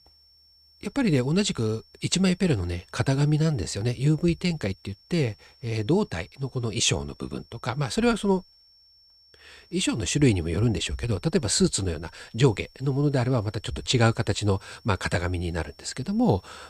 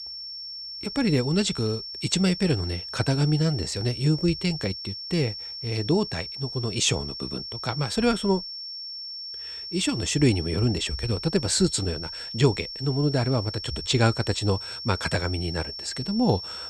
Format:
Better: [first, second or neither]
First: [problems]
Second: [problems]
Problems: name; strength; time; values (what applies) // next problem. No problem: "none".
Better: first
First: high-pitched whine; faint; throughout; 5.5 kHz, 30 dB below the speech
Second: high-pitched whine; loud; throughout; 5.5 kHz, 8 dB below the speech